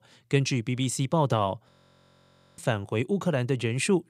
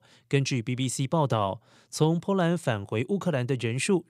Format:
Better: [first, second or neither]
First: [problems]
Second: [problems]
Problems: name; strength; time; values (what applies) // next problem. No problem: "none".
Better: second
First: audio freezing; at 1.5 s for 1 s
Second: none